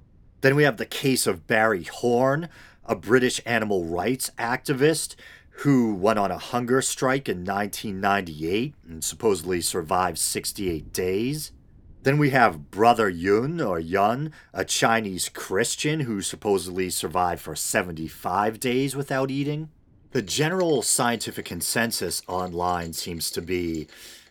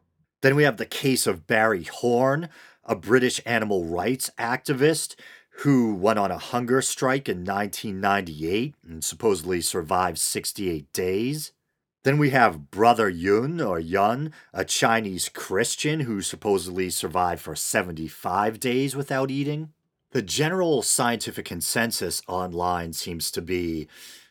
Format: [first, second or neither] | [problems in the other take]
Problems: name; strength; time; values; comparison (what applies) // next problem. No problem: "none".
second | rain or running water; faint; throughout; 30 dB below the speech